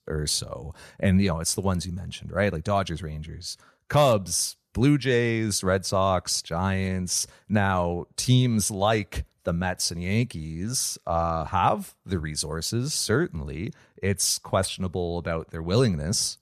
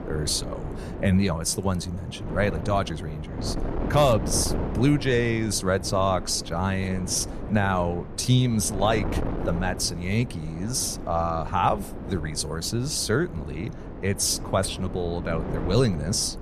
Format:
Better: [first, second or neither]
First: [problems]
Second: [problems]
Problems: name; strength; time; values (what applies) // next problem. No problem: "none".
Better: first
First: none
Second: wind noise on the microphone; occasional gusts; 10 dB below the speech